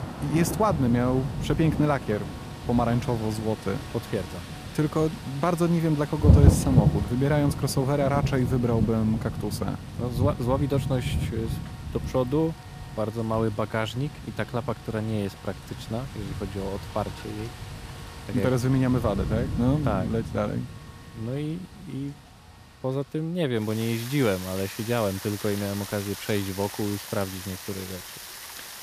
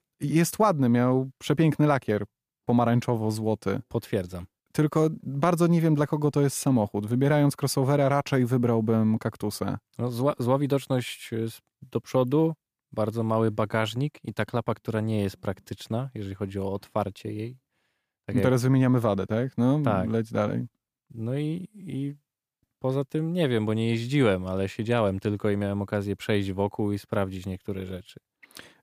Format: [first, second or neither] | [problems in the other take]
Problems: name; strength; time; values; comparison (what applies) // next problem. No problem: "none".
second | rain or running water; loud; throughout; 3 dB below the speech